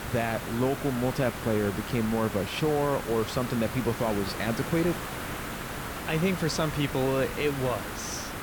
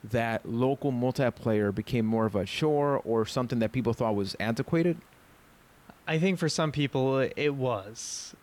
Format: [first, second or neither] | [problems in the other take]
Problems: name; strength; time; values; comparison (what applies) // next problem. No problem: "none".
second | hiss; loud; throughout; 6 dB below the speech; faint in the second